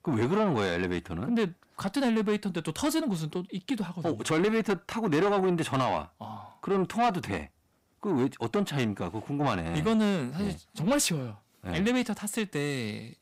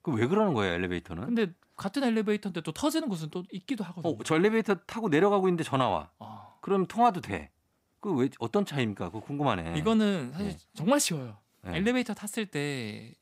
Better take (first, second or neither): second